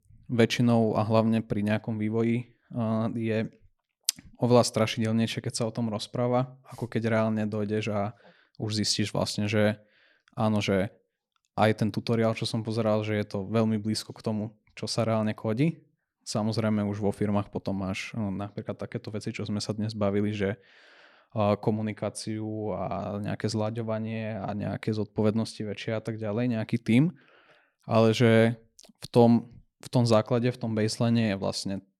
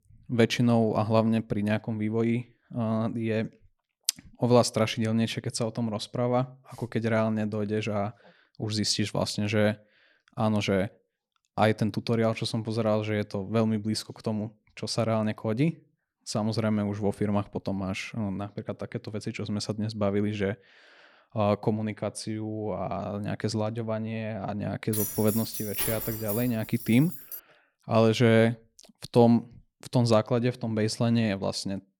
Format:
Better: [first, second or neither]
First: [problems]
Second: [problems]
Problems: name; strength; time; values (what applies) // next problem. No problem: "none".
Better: first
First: none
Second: jangling keys; noticeable; from 25 to 27 s; peak 1 dB below the speech